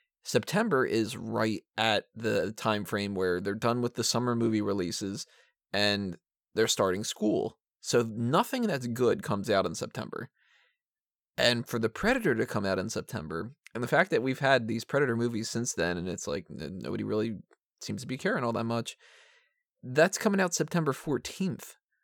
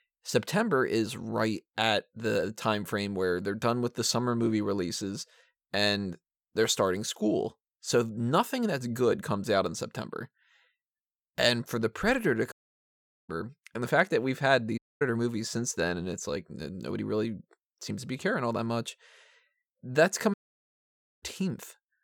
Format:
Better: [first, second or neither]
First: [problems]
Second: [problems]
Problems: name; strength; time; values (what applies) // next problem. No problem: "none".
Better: first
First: none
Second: audio cutting out; at 13 s for 1 s, at 15 s and at 20 s for 1 s